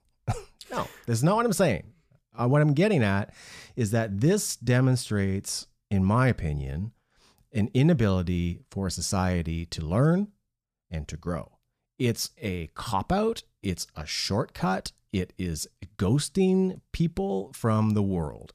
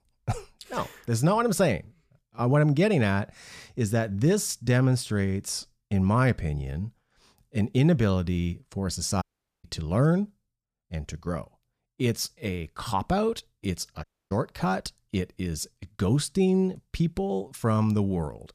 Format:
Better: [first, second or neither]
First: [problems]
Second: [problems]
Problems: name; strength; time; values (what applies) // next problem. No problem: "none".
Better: first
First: none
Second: audio cutting out; at 9 s and at 14 s